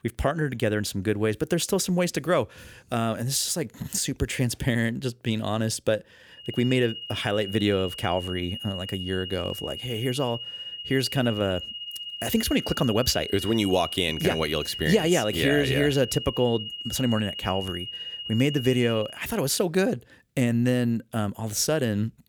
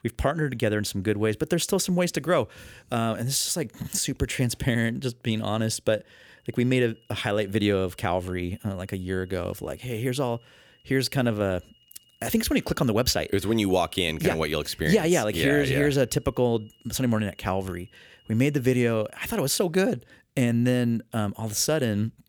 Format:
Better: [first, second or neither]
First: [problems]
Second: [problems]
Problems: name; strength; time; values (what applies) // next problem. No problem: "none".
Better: second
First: high-pitched whine; loud; from 6.5 to 19 s; 3 kHz, 8 dB below the speech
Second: high-pitched whine; faint; from 6.5 to 19 s; 3 kHz, 35 dB below the speech